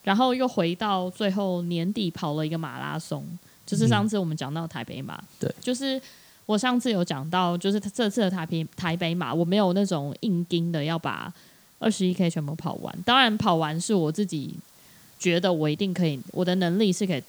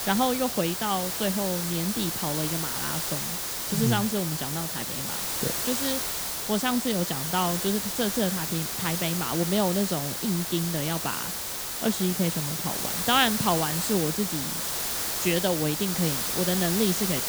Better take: first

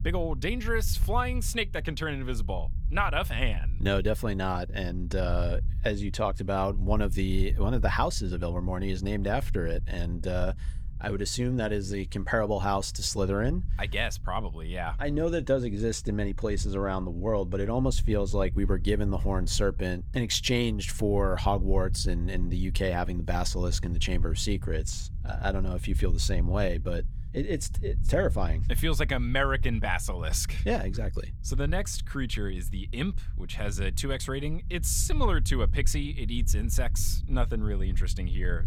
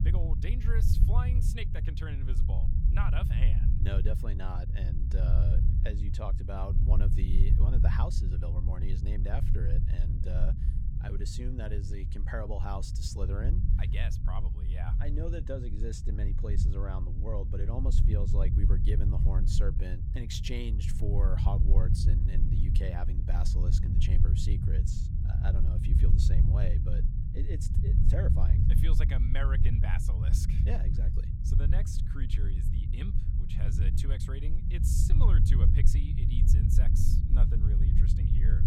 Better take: first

